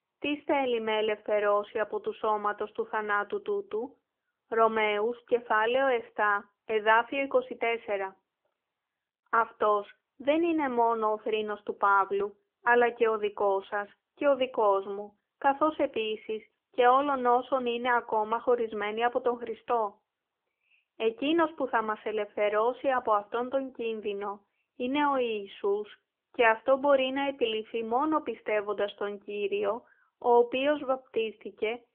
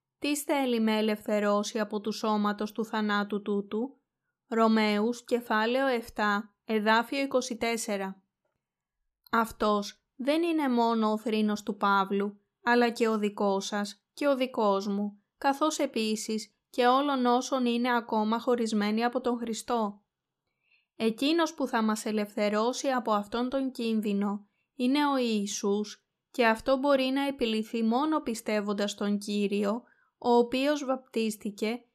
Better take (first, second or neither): second